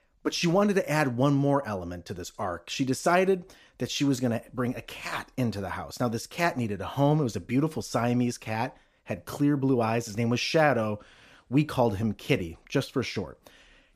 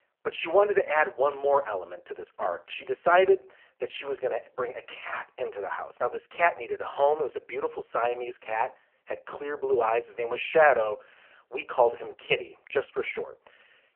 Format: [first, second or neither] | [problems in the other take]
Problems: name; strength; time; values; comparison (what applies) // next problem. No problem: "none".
first | phone-call audio; poor line; nothing above 3 kHz